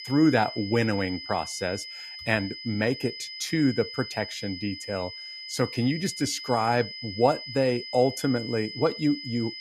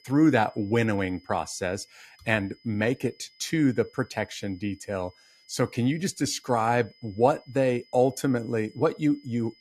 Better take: second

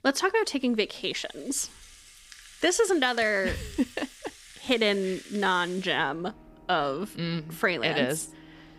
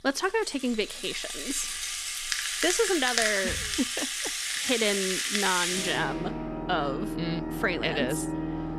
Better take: first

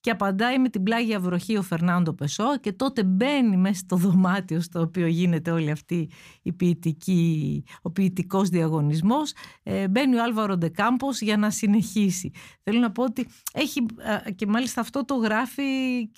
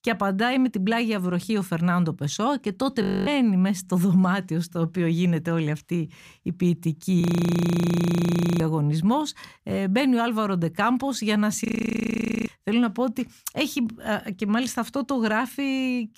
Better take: first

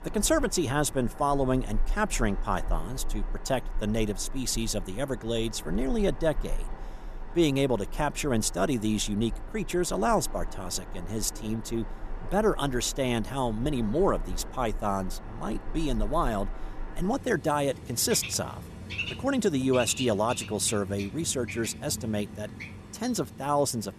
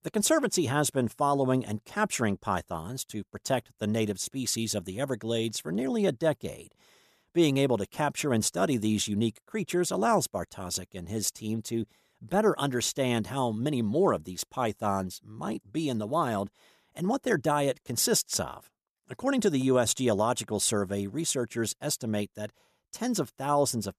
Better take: second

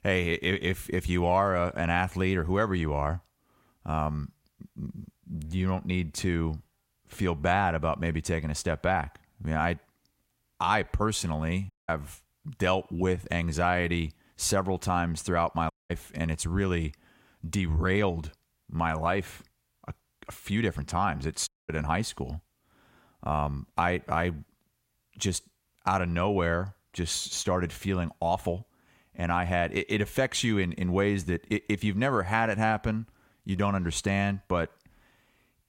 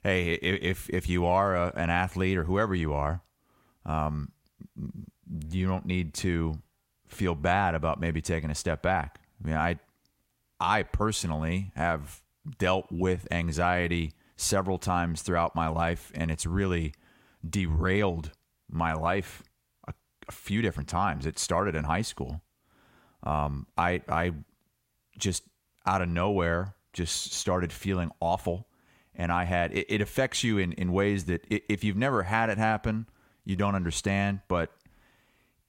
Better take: second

